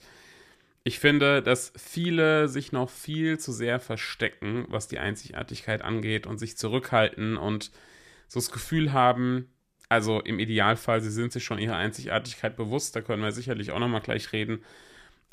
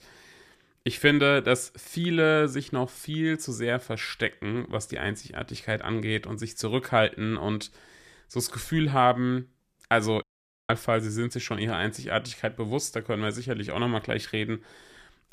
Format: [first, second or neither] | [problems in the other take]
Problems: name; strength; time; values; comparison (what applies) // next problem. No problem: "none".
first | audio cutting out; at 10 s